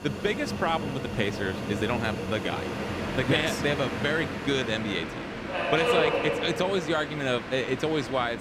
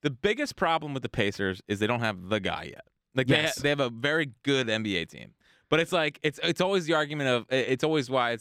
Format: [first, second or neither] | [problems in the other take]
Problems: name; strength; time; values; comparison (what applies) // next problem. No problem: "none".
second | train or aircraft noise; loud; throughout; 3 dB below the speech